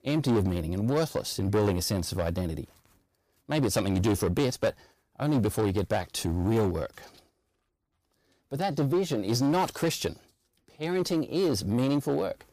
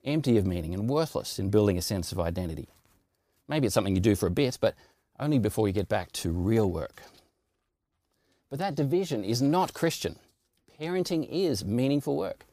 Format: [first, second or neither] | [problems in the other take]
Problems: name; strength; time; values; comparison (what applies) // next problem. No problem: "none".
second | distortion; slight; 7% of the sound clipped